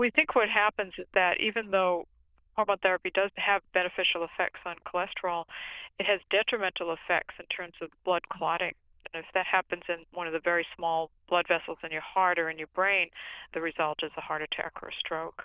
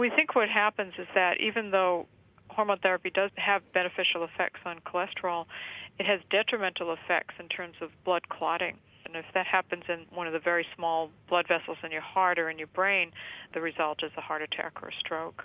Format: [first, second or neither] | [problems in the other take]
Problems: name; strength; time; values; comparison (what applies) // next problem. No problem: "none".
second | noise reduction (neural diffusion model UNIVERSE++)